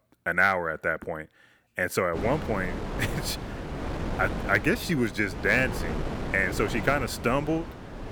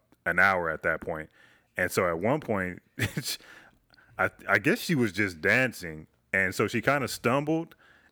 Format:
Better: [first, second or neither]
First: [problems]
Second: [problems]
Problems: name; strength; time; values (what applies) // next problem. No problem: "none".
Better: second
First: wind noise on the microphone; occasional gusts; from 2 s on; 10 dB below the speech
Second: none